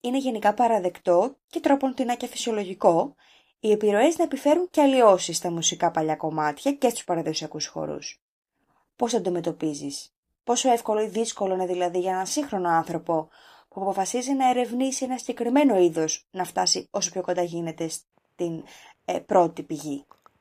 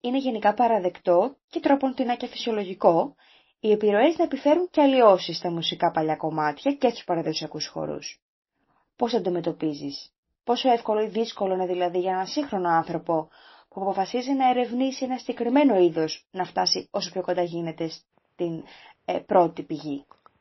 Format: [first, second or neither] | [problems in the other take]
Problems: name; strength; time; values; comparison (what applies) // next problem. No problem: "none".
first | garbled, watery; slightly; nothing above 5.5 kHz